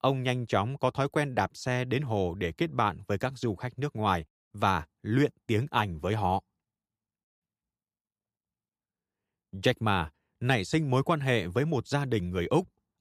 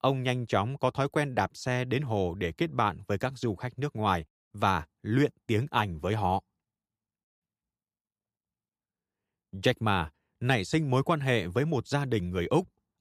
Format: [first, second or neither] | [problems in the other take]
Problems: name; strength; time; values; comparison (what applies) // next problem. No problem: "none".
neither | none